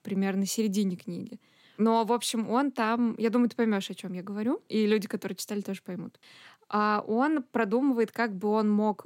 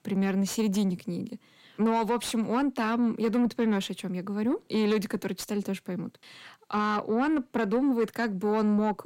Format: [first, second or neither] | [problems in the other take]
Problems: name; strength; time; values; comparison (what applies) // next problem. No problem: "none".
first | distortion; slight; 10 dB below the speech